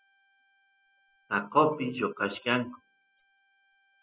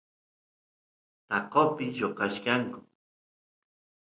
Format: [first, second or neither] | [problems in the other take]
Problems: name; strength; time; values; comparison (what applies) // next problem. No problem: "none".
second | noise reduction (classical method spectral subtraction)